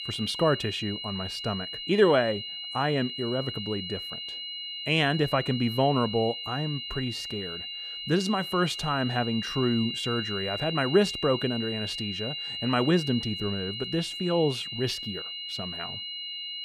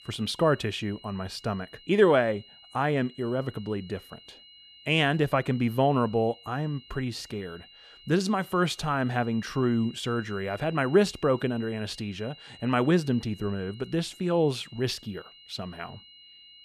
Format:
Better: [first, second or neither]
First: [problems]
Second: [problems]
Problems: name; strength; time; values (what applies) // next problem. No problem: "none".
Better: second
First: high-pitched whine; loud; throughout; 3 kHz, 5 dB below the speech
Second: high-pitched whine; faint; throughout; 3 kHz, 20 dB below the speech